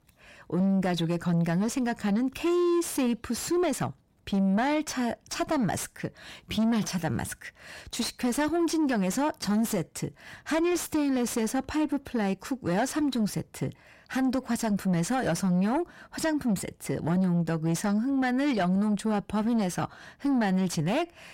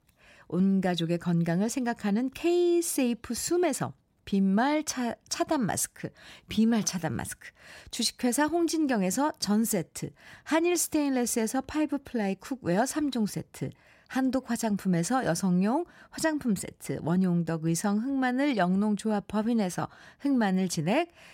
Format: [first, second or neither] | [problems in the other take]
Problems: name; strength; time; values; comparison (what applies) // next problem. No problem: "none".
second | distortion; slight; 10 dB below the speech